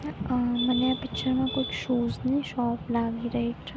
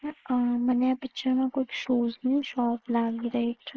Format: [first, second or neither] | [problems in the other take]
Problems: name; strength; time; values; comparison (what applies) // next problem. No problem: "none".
first | noise reduction (neural mask model Resemble Enhance denoiser)